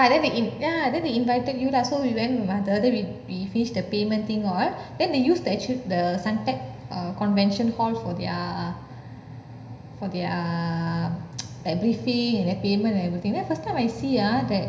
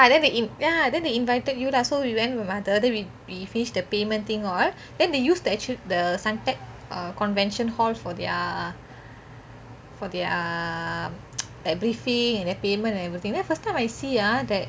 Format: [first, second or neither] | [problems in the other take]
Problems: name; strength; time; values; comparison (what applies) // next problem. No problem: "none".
second | room echo; dies away in 0.9 s